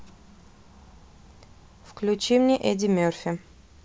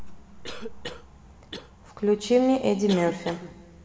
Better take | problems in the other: first | background sound (Cough); 16 dB below the speech // room echo; dies away in 1.5 s

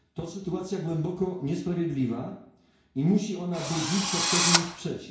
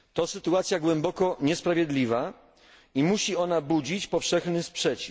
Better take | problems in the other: second | background sound (Drill); 2 dB above the speech // room echo; dies away in 0.6 s

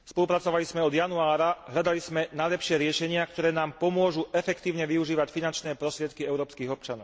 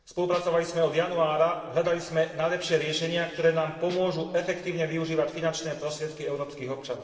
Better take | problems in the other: first | noise reduction (neural separator model SepFormer DNS4)

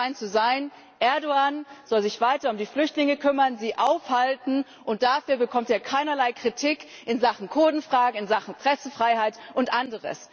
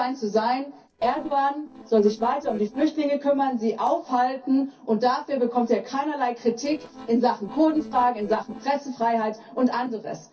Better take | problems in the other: first | noise reduction (neural separator model SepFormer DNS4)

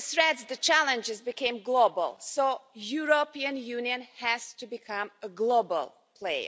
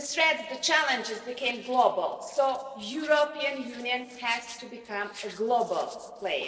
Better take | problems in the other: first | noise reduction (neural separator model SepFormer DNS4)

